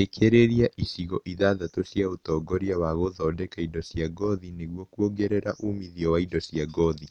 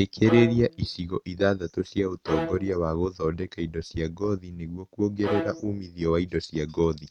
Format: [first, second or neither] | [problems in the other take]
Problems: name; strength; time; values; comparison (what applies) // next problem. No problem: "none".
first | noise reduction (neural mask model RNNoise)